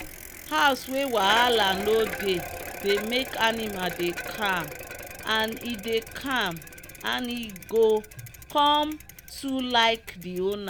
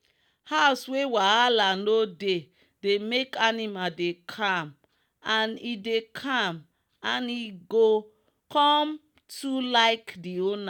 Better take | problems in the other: second | background sound (Bicycle); 11 dB below the speech

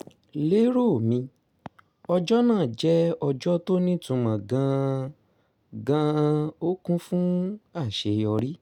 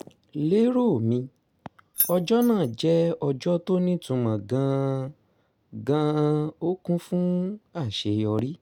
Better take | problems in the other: first | background sound (Keys jangling); 8 dB below the speech

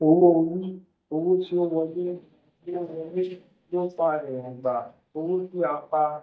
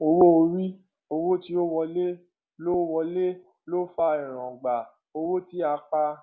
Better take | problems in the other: second | noise reduction (neural mask model DeepFilterNet 3)

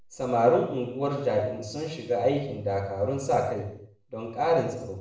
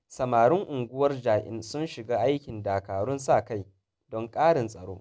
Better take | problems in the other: second | room echo; dies away in 0.7 s

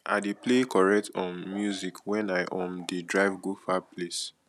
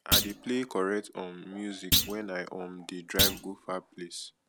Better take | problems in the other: first | background sound (Thump, thud); 4 dB above the speech

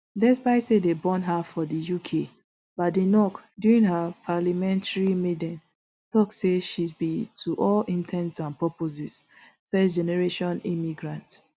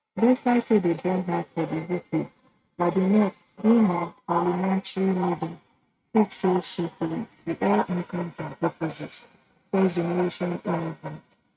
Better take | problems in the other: first | noise reduction (neural mask model RNNoise)

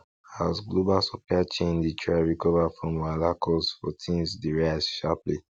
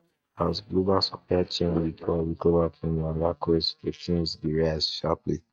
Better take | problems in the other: first | noise reduction (neural mask model DeepFilterNet 3)

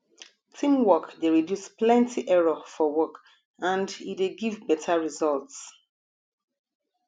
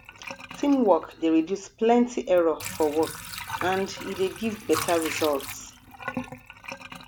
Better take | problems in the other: first | background sound (Sink (filling or washing) / Water); 12 dB below the speech

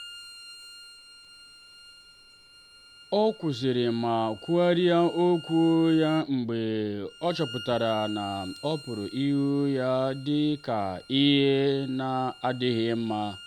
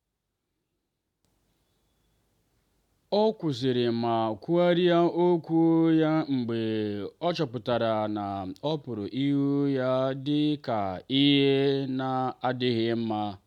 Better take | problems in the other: second | background sound (Bowed string instrument); 19 dB below the speech

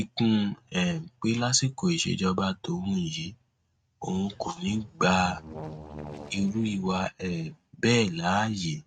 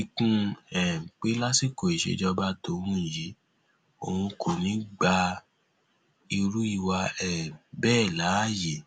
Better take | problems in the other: second | noise reduction (neural mask model RNNoise)

